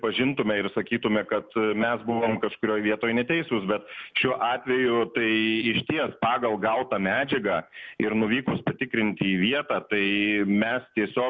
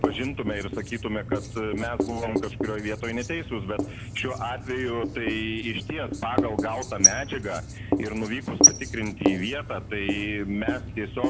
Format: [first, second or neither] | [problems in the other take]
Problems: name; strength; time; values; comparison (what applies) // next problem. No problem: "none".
first | background sound (Writing); 3 dB above the speech